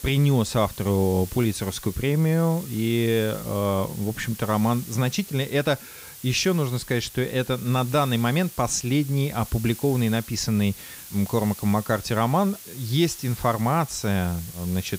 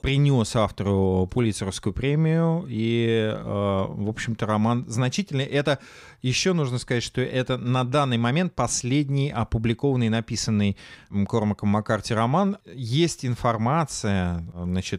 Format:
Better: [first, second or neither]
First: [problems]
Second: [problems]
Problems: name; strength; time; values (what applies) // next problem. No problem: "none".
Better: second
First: hiss; noticeable; throughout; 15 dB below the speech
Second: none